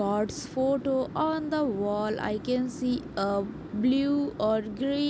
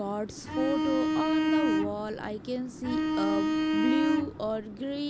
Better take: first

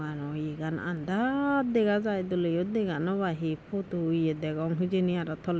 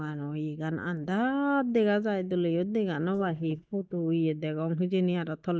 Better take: first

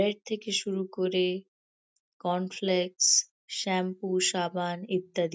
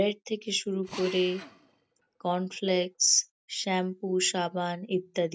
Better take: first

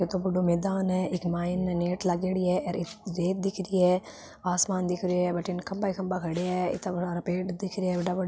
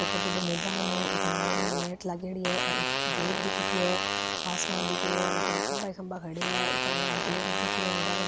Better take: first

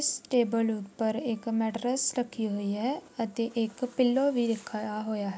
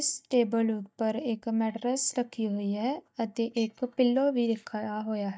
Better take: first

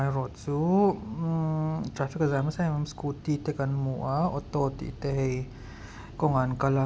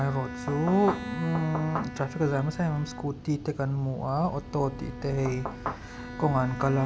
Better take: first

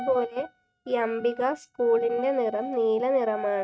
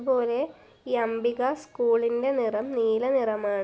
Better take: second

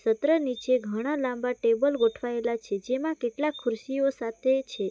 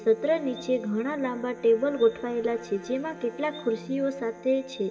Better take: first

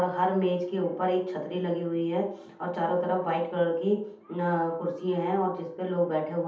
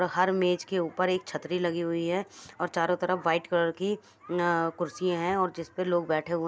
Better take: second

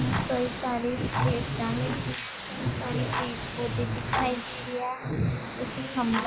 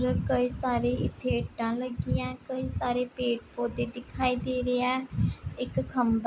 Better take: second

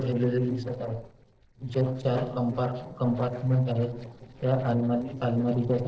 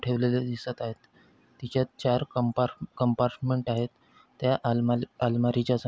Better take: second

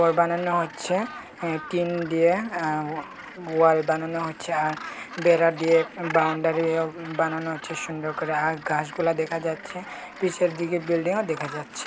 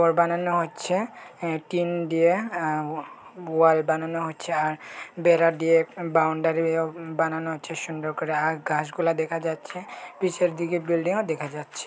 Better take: second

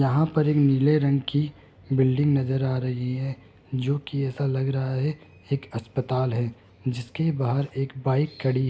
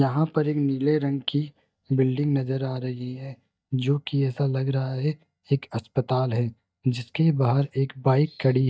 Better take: first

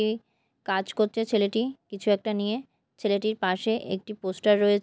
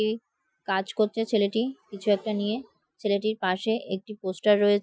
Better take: first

